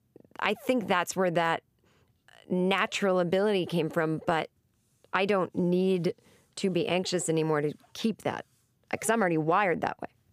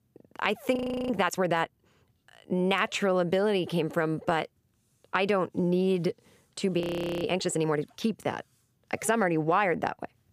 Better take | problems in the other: first | audio freezing; at 1 s and at 7 s

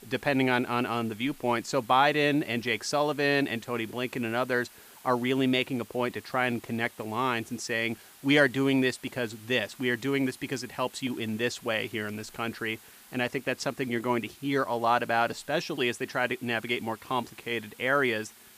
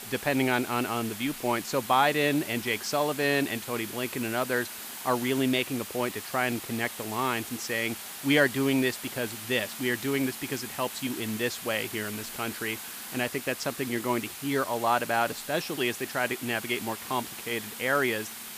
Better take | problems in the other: first | hiss; loud; throughout; 9 dB below the speech; faint in the first

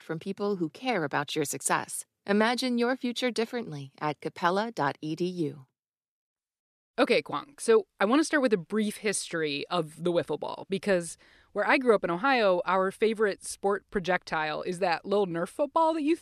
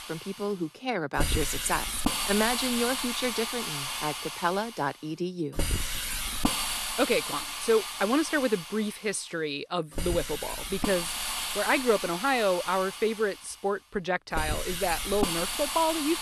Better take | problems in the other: first | hiss; loud; throughout; 2 dB below the speech

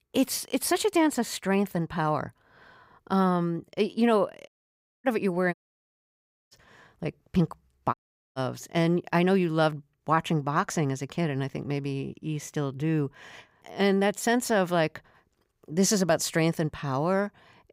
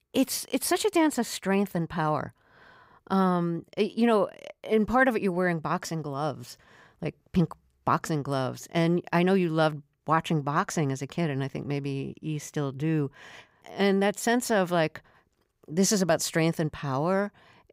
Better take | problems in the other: second | audio cutting out; at 4.5 s for 0.5 s, at 5.5 s for 1 s and at 8 s

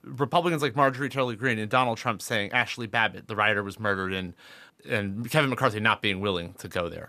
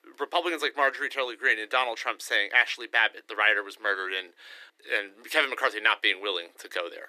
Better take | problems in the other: first | thin; very; fading below 300 Hz

